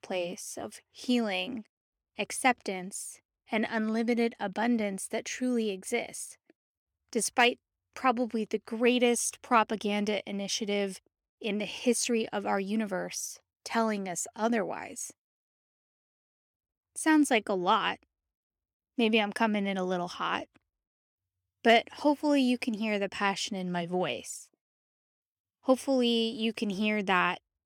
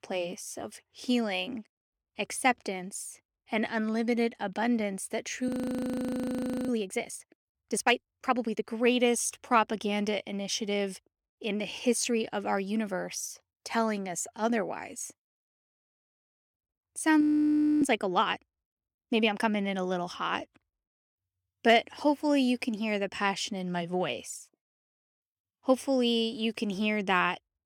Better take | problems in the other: first | audio freezing; at 5.5 s for 1 s and at 17 s for 0.5 s

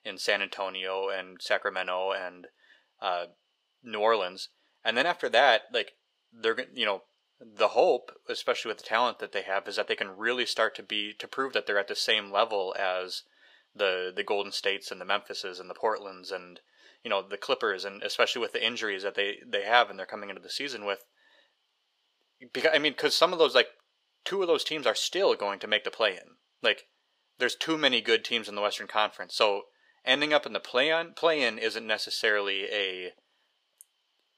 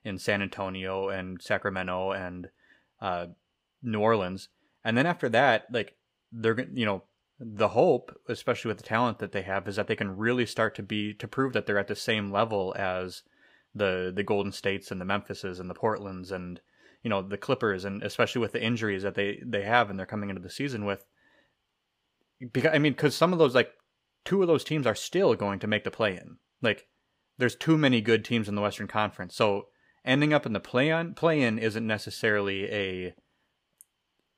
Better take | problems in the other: second | thin; somewhat; fading below 550 Hz

